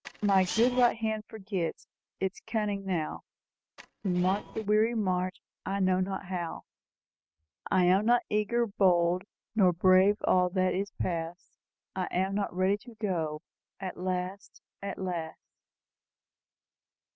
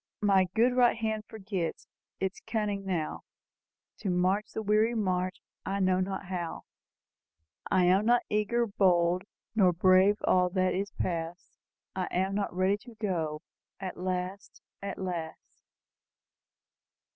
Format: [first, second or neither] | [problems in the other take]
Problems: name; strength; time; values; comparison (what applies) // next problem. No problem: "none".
second | noise reduction (neural mask model RNNoise)